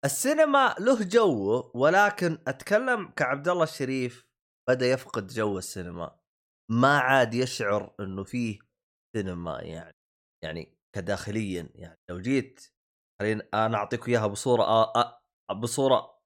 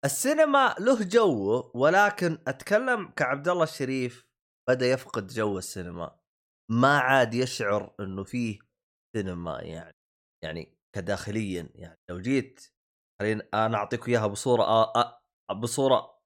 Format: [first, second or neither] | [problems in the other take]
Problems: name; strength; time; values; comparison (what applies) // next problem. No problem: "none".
neither | none